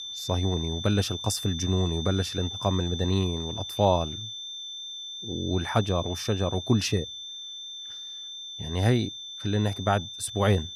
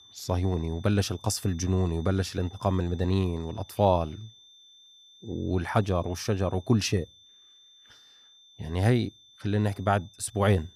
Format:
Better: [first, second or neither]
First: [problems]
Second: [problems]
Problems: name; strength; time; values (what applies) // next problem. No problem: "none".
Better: second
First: high-pitched whine; loud; throughout; 3.5 kHz, 8 dB below the speech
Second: high-pitched whine; faint; throughout; 3.5 kHz, 25 dB below the speech